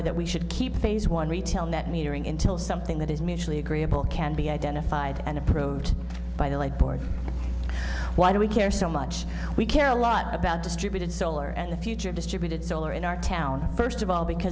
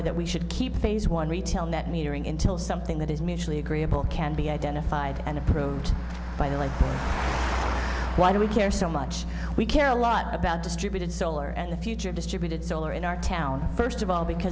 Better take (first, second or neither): first